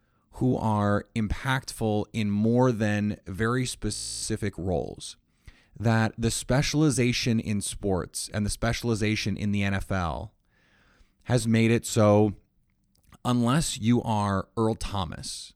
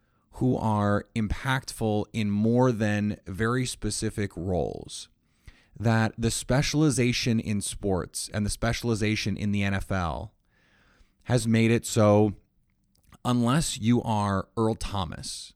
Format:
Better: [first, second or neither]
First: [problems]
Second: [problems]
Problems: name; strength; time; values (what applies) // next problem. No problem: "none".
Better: second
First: audio freezing; at 4 s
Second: none